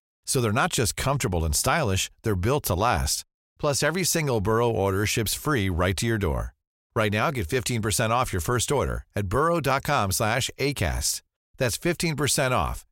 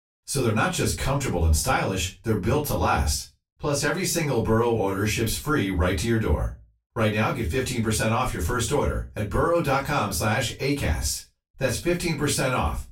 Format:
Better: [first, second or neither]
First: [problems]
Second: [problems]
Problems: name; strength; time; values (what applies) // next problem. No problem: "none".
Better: first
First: none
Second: off-mic speech; far // room echo; very slight; dies away in 0.2 s